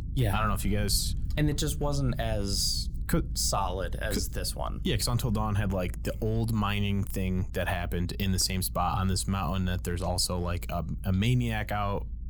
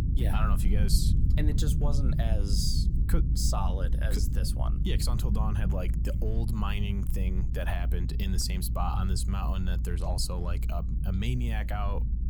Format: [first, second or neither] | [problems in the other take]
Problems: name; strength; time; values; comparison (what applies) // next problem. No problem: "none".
first | low rumble; loud; throughout; 8 dB below the speech; faint in the first